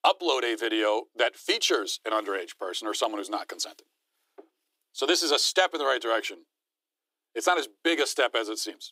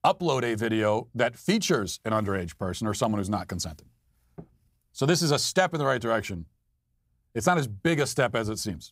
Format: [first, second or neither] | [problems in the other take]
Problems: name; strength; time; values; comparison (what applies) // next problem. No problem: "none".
second | thin; very; fading below 300 Hz